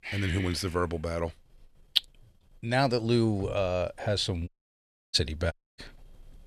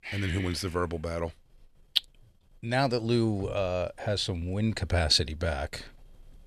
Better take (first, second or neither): second